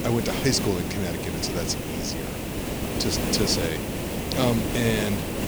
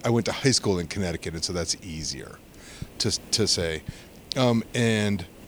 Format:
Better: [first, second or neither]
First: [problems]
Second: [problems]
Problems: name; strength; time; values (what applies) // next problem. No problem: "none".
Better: second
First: hiss; loud; throughout; 2 dB below the speech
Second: hiss; faint; throughout; 20 dB below the speech